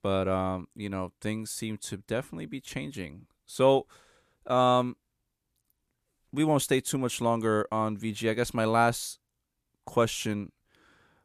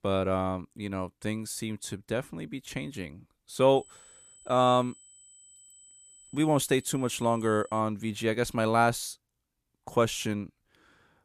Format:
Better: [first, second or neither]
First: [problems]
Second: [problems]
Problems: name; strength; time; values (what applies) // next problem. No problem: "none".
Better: first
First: none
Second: high-pitched whine; faint; from 4 to 8 s; 8 kHz, 25 dB below the speech